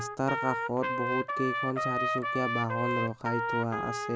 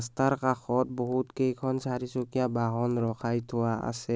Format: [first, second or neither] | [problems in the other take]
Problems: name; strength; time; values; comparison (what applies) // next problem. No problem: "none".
second | background sound (Trumpet); as loud as the speech